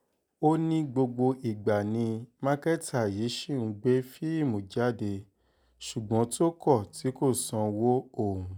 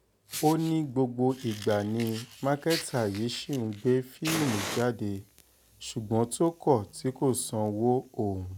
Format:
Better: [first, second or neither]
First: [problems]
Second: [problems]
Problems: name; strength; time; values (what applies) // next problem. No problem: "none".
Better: first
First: none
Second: background sound (Fire); 13 dB below the speech